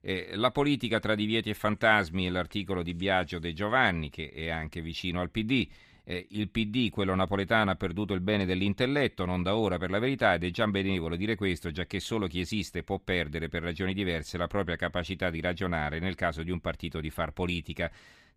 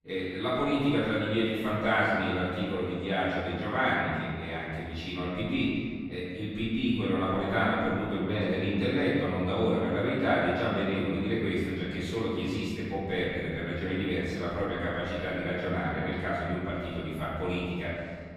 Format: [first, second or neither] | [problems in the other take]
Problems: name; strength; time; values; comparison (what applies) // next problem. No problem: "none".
first | off-mic speech; far // room echo; strong; dies away in 1.8 s